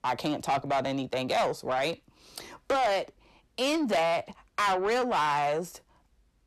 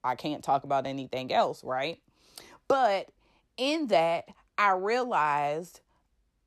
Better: second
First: distortion; heavy; 8 dB below the speech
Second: none

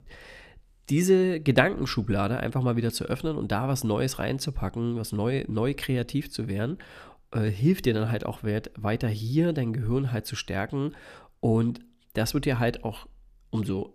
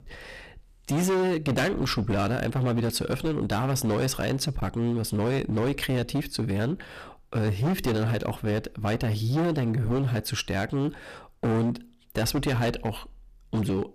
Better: first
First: none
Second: distortion; heavy; 19% of the sound clipped

